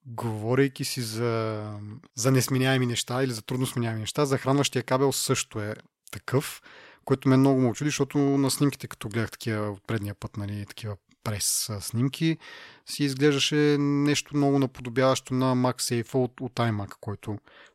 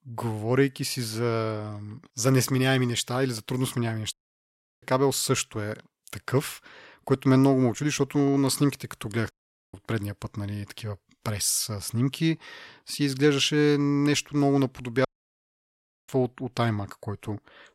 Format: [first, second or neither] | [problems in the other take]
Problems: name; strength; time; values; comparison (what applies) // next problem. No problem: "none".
first | audio cutting out; at 4 s for 0.5 s, at 9.5 s and at 15 s for 1 s